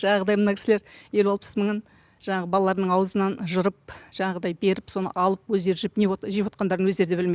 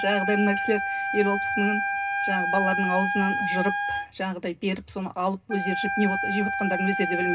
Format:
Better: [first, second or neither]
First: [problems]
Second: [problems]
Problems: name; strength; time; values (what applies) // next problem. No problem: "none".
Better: first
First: none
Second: background sound (Wind instrument, woodwind instrument); 1 dB below the speech // room echo; dies away in 0.2 s